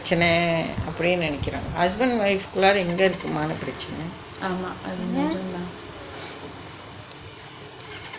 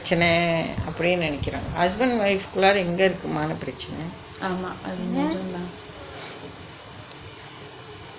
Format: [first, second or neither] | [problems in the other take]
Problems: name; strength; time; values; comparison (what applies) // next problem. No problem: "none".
second | background sound (Engine starting); 18 dB below the speech